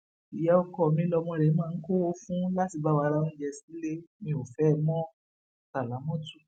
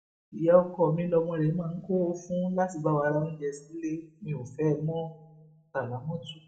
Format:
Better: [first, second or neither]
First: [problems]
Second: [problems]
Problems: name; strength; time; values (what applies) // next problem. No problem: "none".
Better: first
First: none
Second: room echo; dies away in 0.4 s